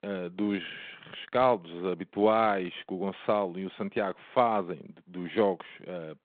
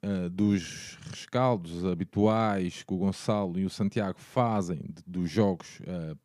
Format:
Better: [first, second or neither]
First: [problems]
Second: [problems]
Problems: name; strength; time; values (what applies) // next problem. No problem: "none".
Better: second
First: phone-call audio; nothing above 3.5 kHz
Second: none